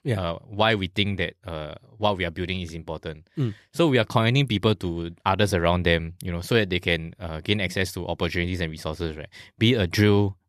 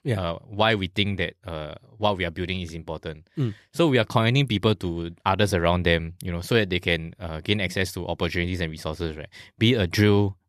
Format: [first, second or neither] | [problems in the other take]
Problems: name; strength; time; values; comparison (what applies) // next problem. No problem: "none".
neither | none